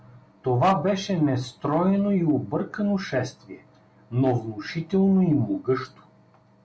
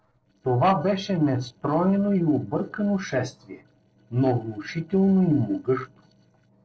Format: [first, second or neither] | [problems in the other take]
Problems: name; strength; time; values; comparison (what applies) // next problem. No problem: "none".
first | noise reduction (neural separator model SepFormer DNS4)